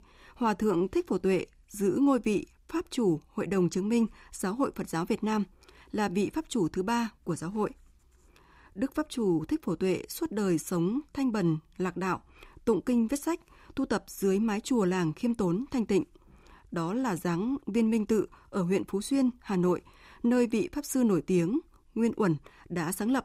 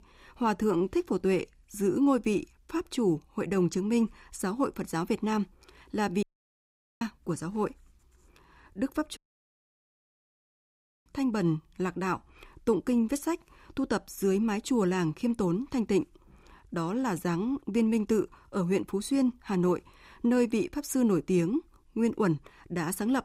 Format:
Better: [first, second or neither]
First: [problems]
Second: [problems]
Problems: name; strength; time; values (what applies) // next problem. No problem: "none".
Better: first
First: none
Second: audio cutting out; at 6 s for 1 s and at 9 s for 2 s